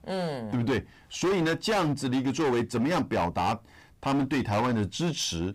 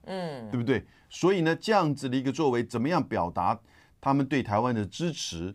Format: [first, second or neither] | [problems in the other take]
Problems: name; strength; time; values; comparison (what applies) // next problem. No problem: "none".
second | distortion; heavy; 19% of the sound clipped